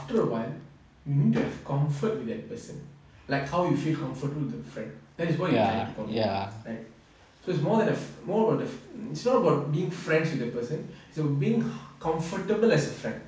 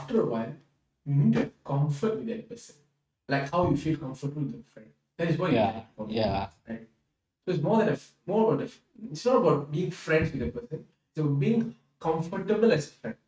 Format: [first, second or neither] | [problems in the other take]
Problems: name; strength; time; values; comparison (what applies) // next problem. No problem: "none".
first | noise reduction (neural mask model RNNoise)